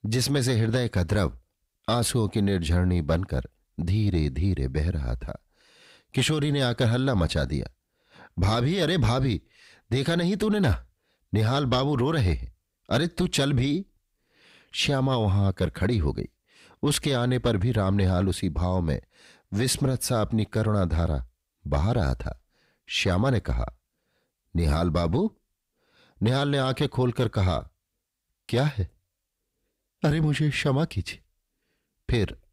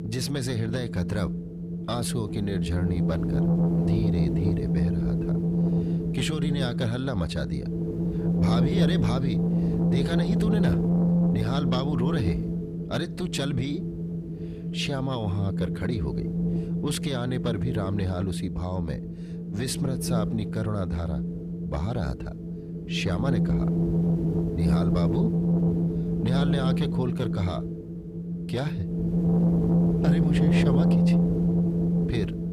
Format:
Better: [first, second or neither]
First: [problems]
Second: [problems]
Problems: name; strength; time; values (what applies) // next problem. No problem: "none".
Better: first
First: none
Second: wind noise on the microphone; heavy; as loud as the speech